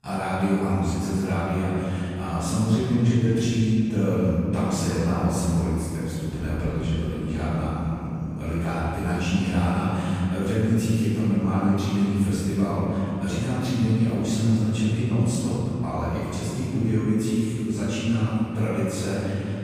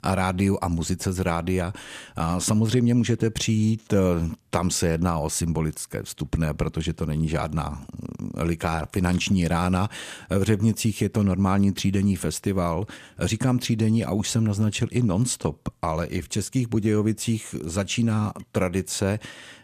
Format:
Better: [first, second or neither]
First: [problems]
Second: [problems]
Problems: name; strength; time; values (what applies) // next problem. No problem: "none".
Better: second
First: off-mic speech; far // room echo; strong; dies away in 3 s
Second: none